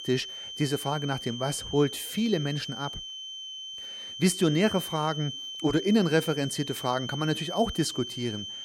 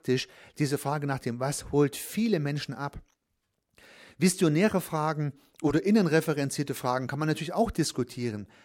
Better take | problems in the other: second | high-pitched whine; loud; throughout; 3 kHz, 8 dB below the speech

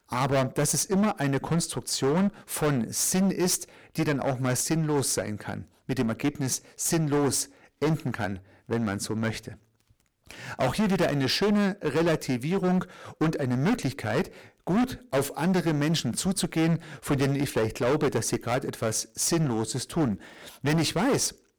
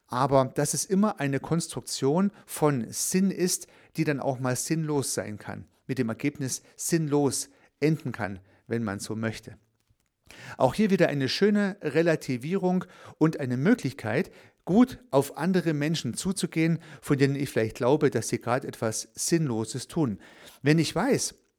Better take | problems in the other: second | distortion; heavy; 14% of the sound clipped

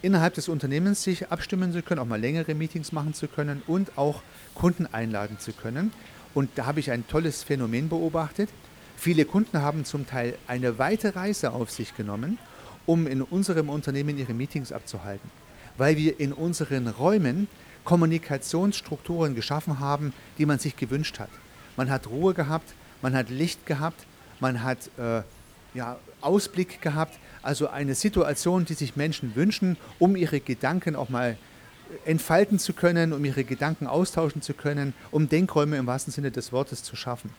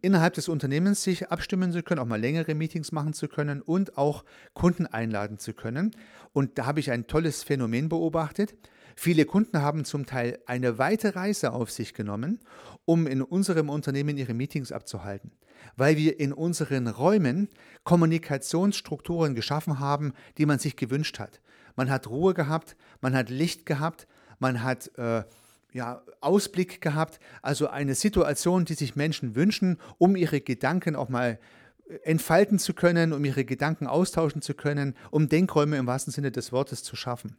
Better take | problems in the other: second | hiss; faint; throughout; 25 dB below the speech

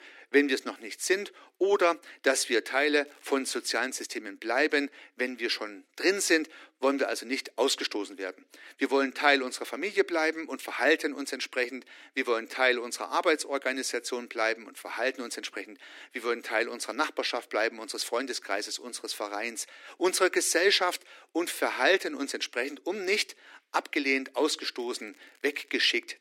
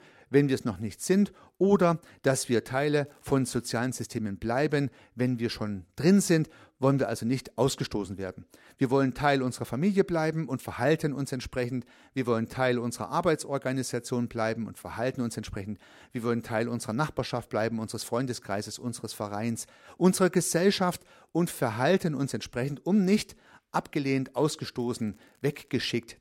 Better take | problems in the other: second | thin; somewhat; fading below 300 Hz

